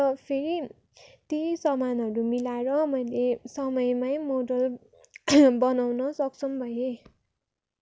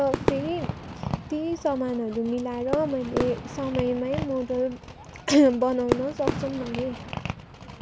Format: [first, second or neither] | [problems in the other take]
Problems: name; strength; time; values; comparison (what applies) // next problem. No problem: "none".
first | background sound (Fireworks); 6 dB below the speech